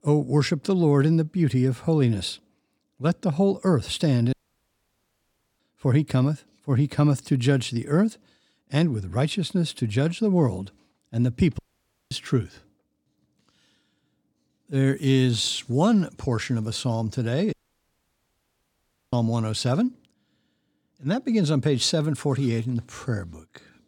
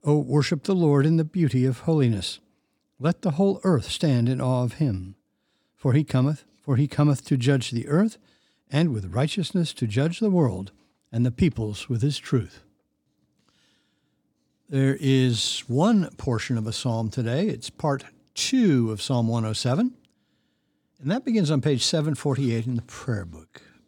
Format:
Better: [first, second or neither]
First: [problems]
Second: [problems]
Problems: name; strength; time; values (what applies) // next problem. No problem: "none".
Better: second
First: audio cutting out; at 4.5 s for 1.5 s, at 12 s for 0.5 s and at 18 s for 1.5 s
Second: none